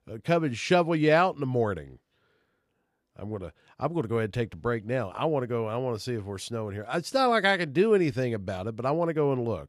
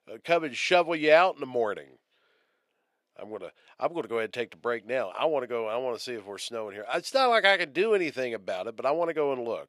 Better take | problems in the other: first | thin; somewhat; fading below 350 Hz

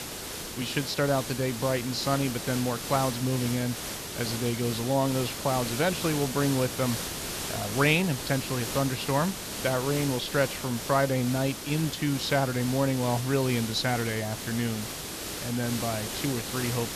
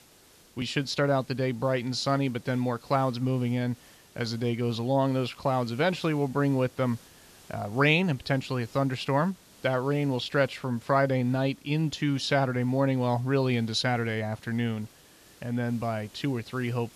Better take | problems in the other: second | hiss; loud; throughout; 5 dB below the speech; faint in the second

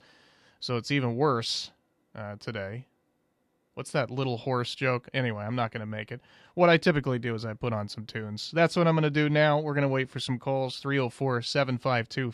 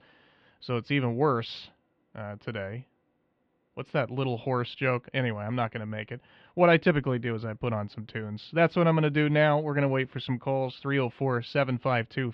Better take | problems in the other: first | muffled; slightly; fading above 3 kHz

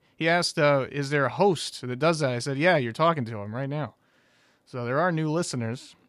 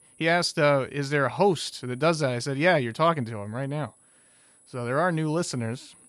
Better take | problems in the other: first | high-pitched whine; faint; throughout; 10.5 kHz, 30 dB below the speech

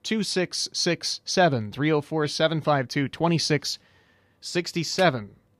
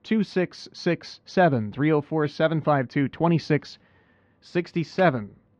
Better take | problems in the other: first | muffled; slightly; fading above 2 kHz

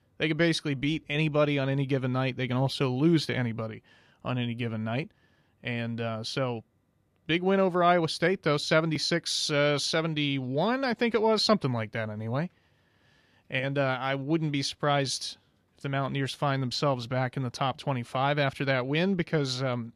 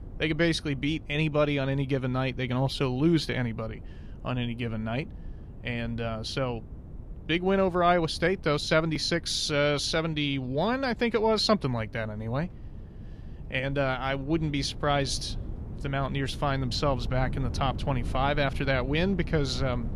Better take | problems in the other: first | wind noise on the microphone; occasional gusts; 25 dB below the speech

